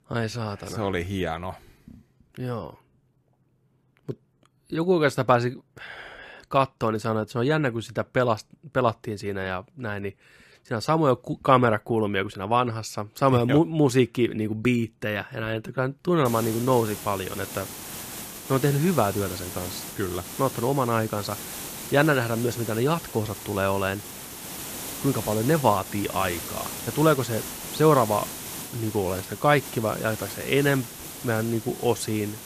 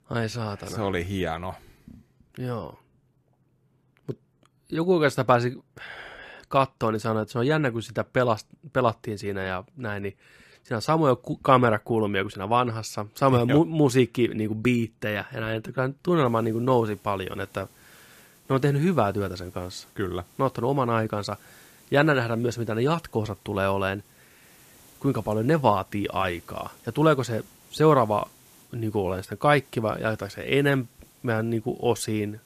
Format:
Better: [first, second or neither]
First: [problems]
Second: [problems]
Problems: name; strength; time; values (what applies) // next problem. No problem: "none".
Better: second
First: hiss; loud; from 16 s on; 10 dB below the speech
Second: hiss; faint; from 16 s on; 30 dB below the speech